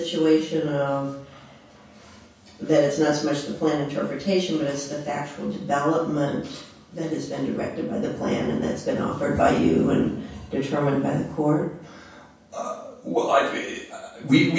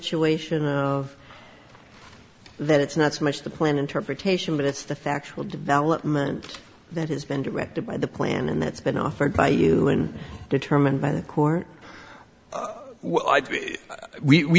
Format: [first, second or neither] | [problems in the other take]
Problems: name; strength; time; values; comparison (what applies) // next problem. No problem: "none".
second | room echo; dies away in 0.7 s